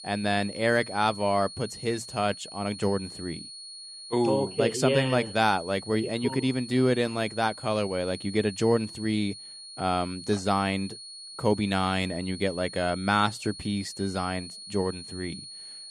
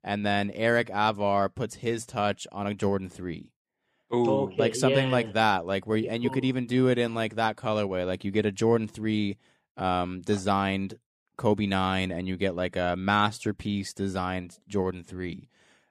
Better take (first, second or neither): second